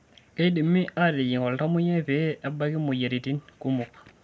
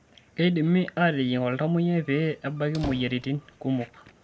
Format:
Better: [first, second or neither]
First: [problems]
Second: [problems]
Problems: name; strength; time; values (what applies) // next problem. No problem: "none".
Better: first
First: none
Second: background sound (Squeak); 16 dB below the speech